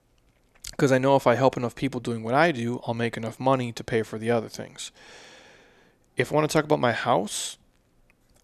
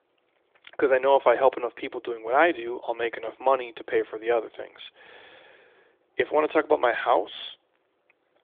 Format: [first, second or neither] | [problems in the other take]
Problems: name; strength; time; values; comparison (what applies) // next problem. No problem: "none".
first | phone-call audio; nothing above 3.5 kHz